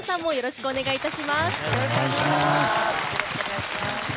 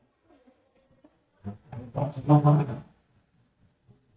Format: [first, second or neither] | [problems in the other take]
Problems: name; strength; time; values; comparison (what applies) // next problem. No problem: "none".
first | noise reduction (neural mask model DeepFilterNet 3)